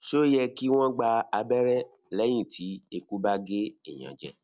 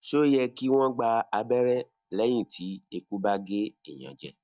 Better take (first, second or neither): first